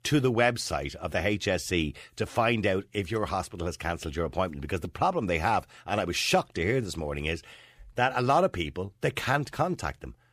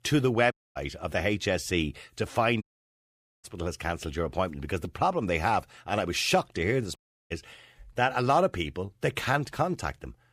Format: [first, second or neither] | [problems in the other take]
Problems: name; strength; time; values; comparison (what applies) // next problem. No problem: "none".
first | audio cutting out; at 0.5 s, at 2.5 s for 1 s and at 7 s